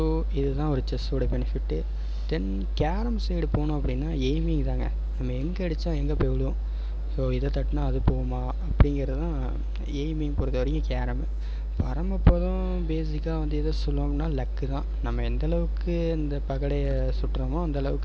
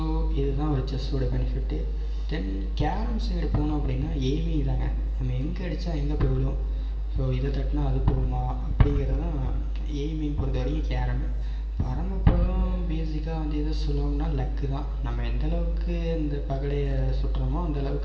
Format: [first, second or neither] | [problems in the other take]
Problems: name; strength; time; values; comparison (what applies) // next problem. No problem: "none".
first | background sound (Bass drum); 19 dB below the speech // room echo; dies away in 1.4 s